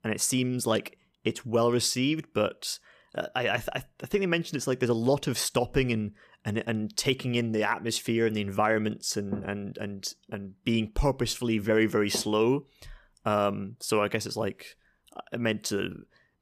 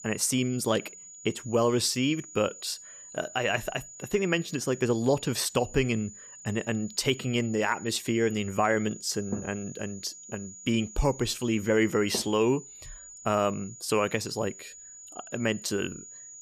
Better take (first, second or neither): first